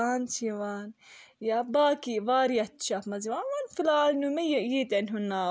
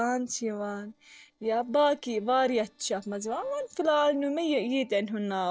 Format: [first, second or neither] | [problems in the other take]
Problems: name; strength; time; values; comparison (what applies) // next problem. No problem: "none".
first | noise reduction (neural separator model SepFormer DNS4)